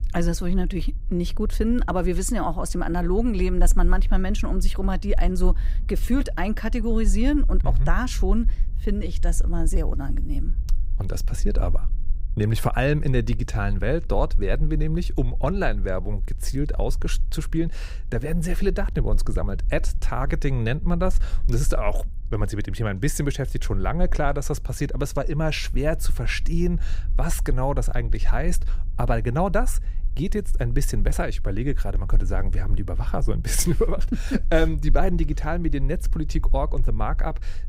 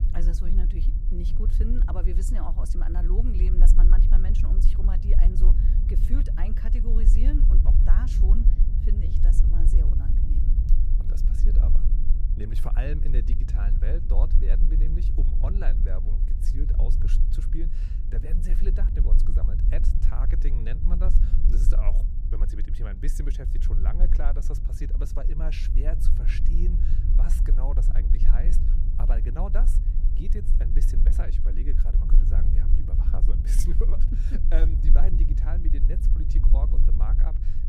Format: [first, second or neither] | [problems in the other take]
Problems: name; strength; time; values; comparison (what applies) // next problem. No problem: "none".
first | low rumble; loud; throughout; 3 dB below the speech; faint in the first